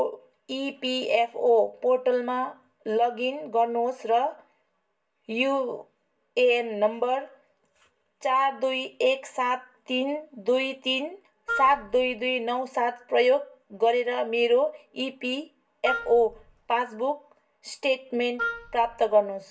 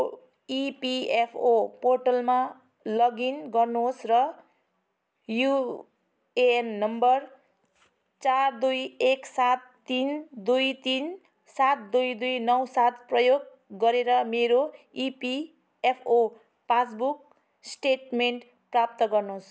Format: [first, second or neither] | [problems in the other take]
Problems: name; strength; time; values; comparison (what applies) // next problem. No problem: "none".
second | background sound (Wind instrument, woodwind instrument); 8 dB below the speech // room echo; dies away in 0.1 s